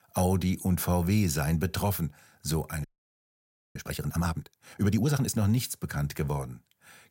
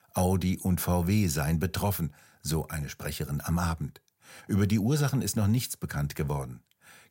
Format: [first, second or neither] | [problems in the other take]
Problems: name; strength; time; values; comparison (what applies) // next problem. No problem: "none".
second | audio freezing; at 3 s for 1 s